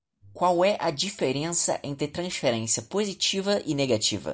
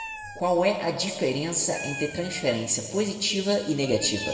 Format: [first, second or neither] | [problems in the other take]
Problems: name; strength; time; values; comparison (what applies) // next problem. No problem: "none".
first | background sound (Meow); 15 dB below the speech // room echo; dies away in 2 s